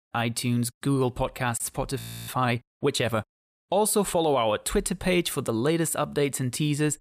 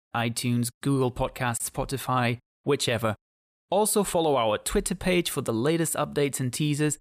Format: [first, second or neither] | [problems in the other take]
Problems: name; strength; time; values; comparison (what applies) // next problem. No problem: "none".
second | audio freezing; at 2 s